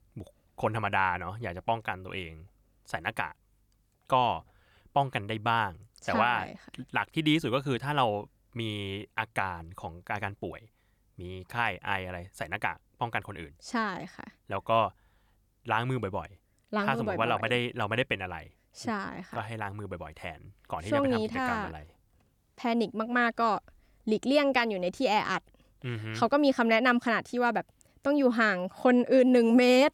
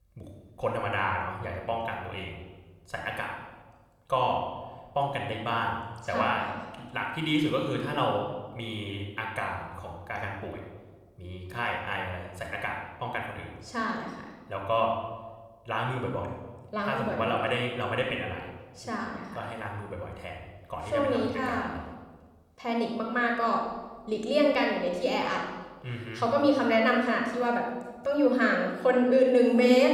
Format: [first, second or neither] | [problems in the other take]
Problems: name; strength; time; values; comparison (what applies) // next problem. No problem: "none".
first | room echo; noticeable; dies away in 1 s // off-mic speech; somewhat distant